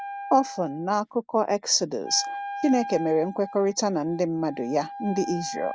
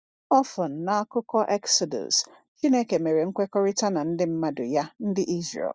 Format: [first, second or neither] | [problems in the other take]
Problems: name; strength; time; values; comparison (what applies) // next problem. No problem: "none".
second | background sound (Wind instrument, woodwind instrument); 11 dB below the speech